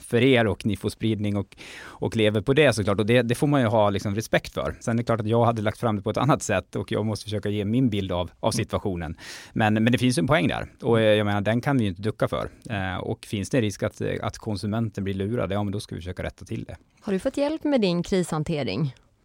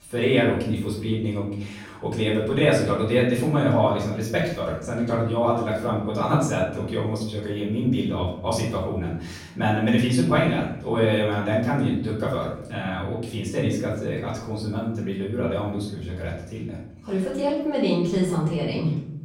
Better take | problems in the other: first | off-mic speech; far // room echo; noticeable; dies away in 0.7 s

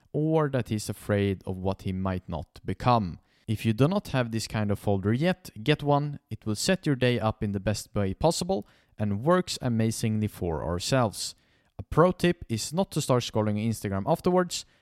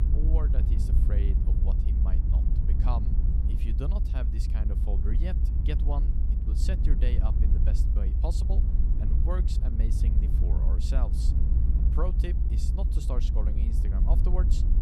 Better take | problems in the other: first | low rumble; loud; throughout; 2 dB below the speech

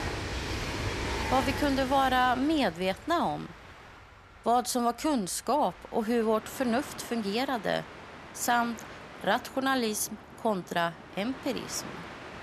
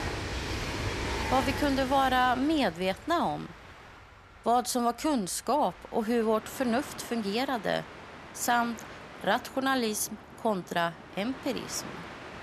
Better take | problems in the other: neither | train or aircraft noise; loud; throughout; 10 dB below the speech; the same in both

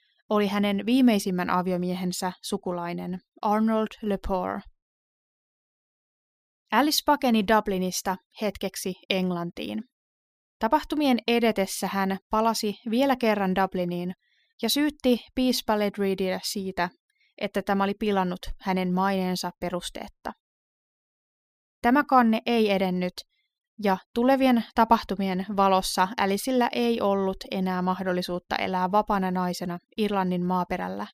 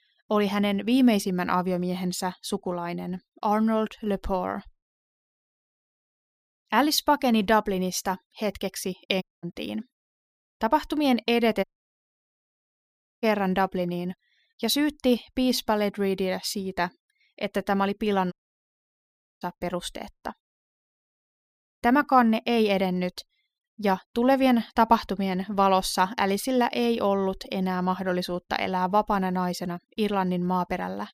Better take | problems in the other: first | audio cutting out; at 9 s, at 12 s for 1.5 s and at 18 s for 1 s

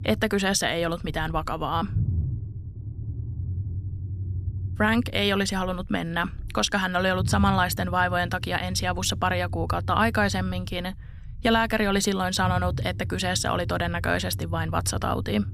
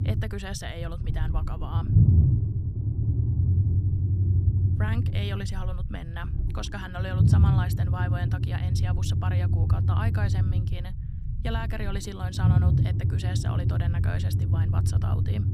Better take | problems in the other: first | low rumble; loud; throughout; 1 dB below the speech; faint in the first

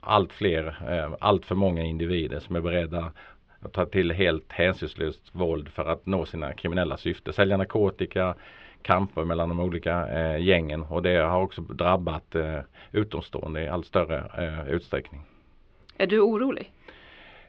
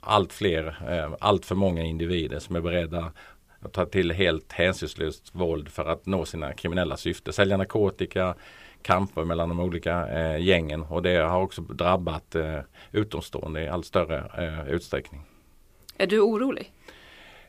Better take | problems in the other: second | muffled; slightly; fading above 3.5 kHz

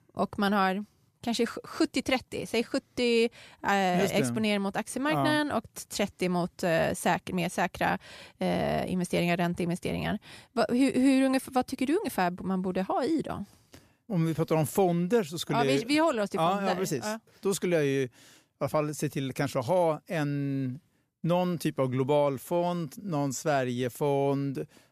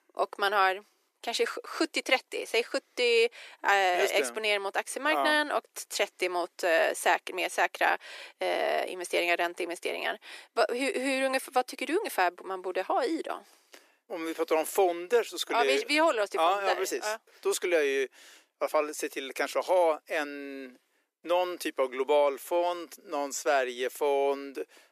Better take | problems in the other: first | thin; very; fading below 350 Hz

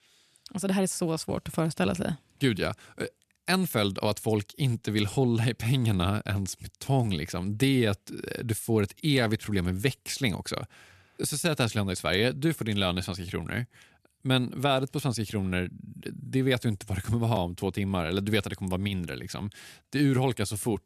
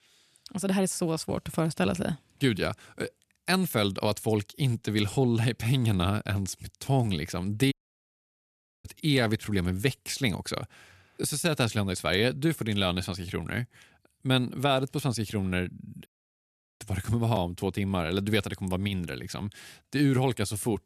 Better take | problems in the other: first | audio cutting out; at 7.5 s for 1 s and at 16 s for 0.5 s

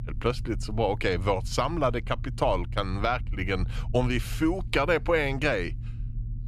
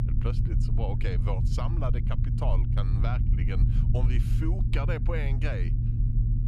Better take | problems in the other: first | low rumble; loud; throughout; 4 dB below the speech; faint in the first

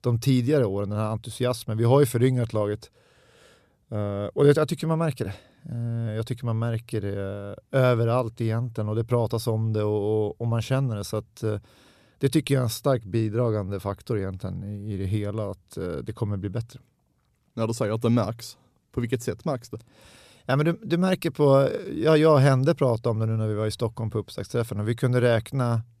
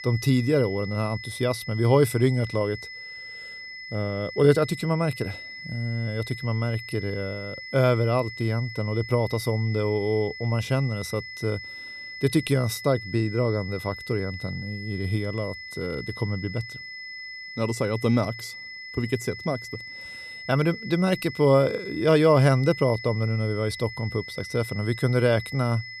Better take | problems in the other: first | high-pitched whine; noticeable; throughout; 2 kHz, 10 dB below the speech

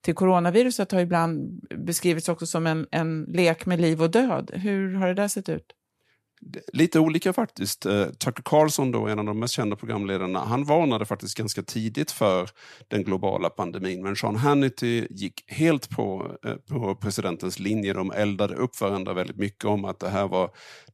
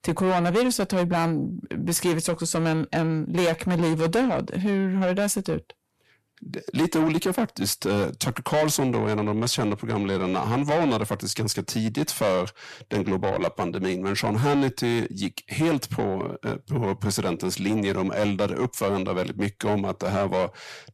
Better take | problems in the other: first | distortion; heavy; 8 dB below the speech

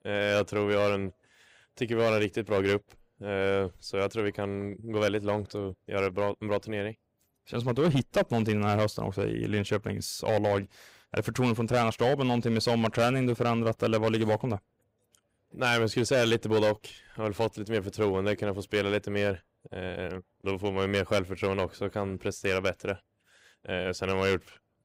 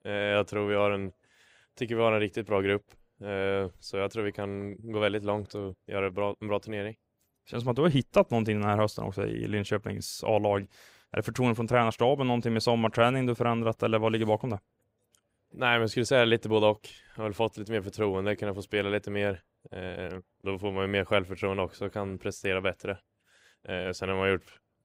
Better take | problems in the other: second | distortion; slight; 4% of the sound clipped

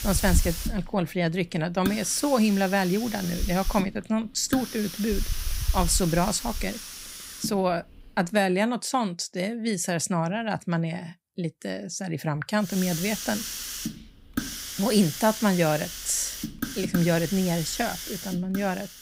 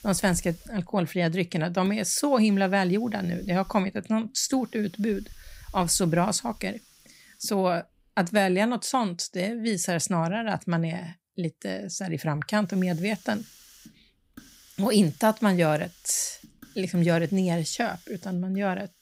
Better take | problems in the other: second | hiss; loud; until 8.5 s and from 13 s on; 6 dB below the speech; faint in the second

